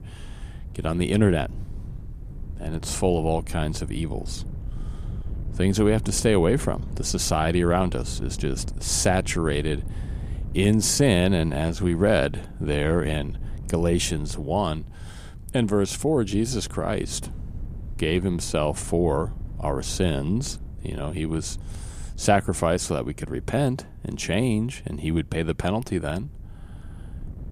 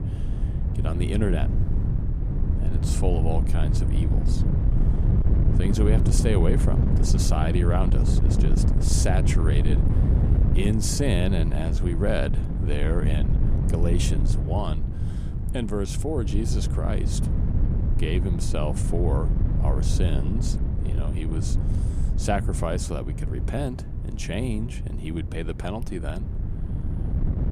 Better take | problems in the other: first | wind noise on the microphone; heavy; 5 dB below the speech; occasional gusts in the first

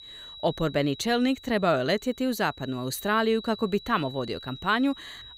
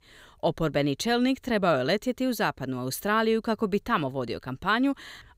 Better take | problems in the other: second | high-pitched whine; noticeable; throughout; 4 kHz, 15 dB below the speech

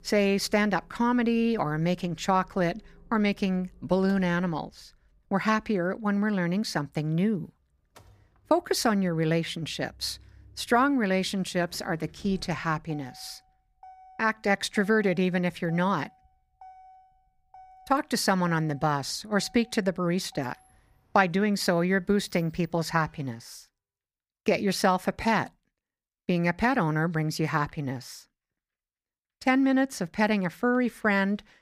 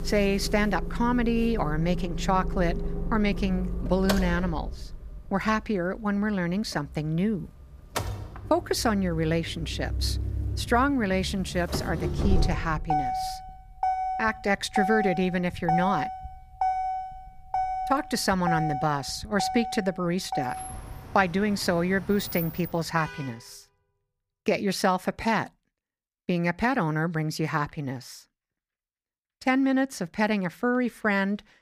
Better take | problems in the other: first | traffic noise; loud; until 23 s; 6 dB below the speech; faint in the first

